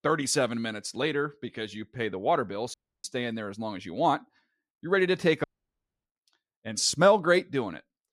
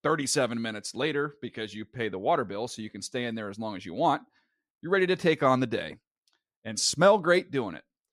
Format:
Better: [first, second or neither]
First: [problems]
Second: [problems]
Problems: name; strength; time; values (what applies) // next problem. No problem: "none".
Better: second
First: audio cutting out; at 2.5 s and at 5.5 s for 0.5 s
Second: none